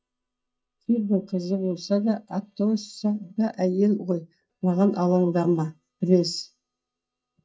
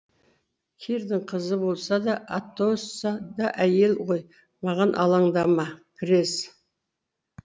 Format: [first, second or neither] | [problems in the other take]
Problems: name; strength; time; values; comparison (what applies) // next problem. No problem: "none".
second | noise reduction (neural mask model DeepFilterNet 3)